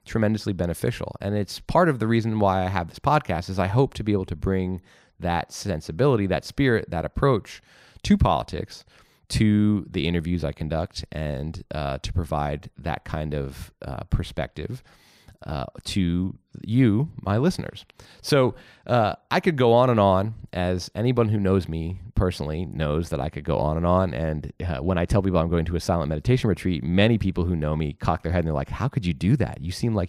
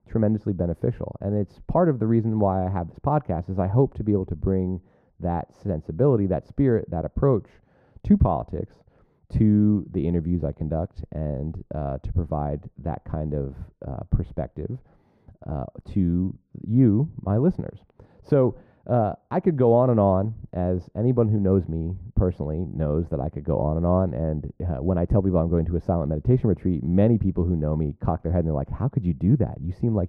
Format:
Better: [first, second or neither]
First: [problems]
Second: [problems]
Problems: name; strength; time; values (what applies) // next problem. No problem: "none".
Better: first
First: none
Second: muffled; very; fading above 1.5 kHz